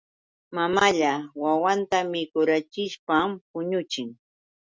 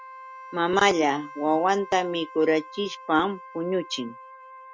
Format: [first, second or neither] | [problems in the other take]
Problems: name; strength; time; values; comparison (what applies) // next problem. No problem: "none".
first | background sound (Wind instrument, woodwind instrument); 17 dB below the speech